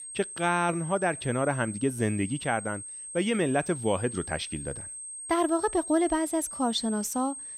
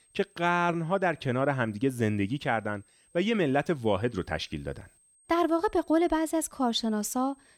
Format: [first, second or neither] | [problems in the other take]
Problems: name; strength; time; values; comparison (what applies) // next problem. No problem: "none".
second | high-pitched whine; loud; throughout; 8.5 kHz, 9 dB below the speech; faint in the second